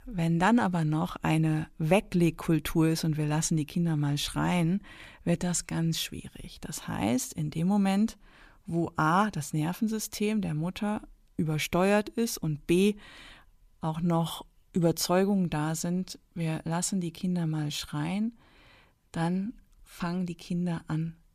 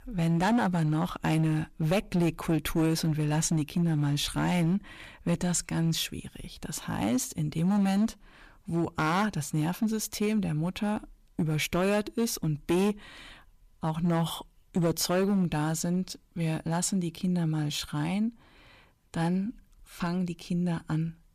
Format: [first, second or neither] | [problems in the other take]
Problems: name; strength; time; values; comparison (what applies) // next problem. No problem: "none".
first | distortion; slight; 6% of the sound clipped